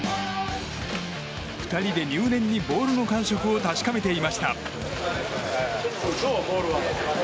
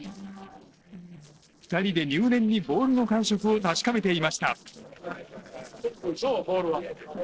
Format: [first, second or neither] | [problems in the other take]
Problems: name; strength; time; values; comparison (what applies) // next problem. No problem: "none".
first | noise reduction (neural separator model SepFormer DNS4)